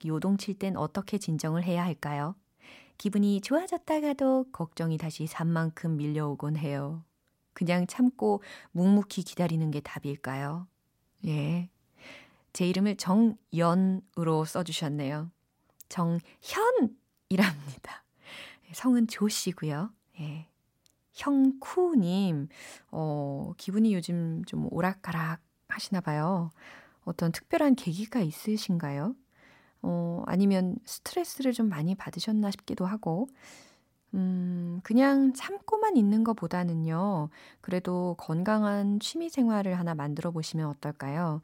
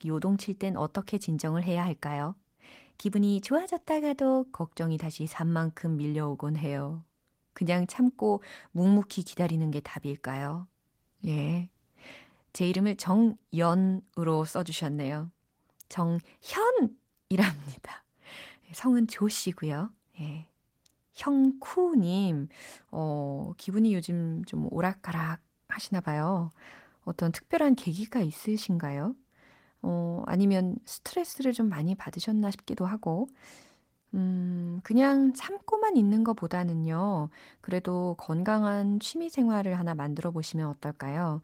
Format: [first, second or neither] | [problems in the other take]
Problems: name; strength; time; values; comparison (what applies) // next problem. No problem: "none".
first | garbled, watery; slightly; nothing above 16 kHz